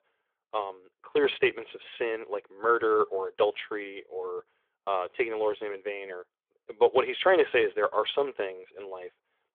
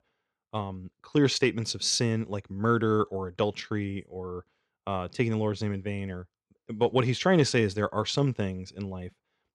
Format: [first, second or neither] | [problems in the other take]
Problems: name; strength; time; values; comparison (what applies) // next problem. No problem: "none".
second | phone-call audio; nothing above 3.5 kHz